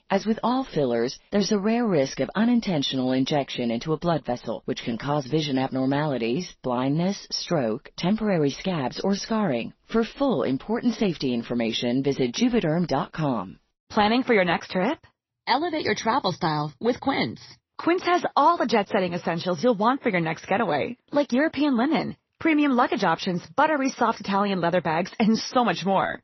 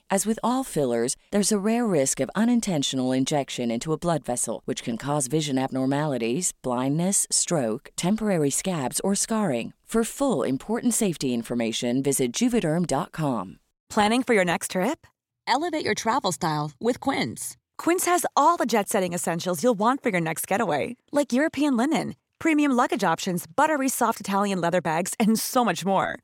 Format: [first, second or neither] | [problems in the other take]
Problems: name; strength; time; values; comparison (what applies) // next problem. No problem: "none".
second | garbled, watery; slightly; nothing above 6 kHz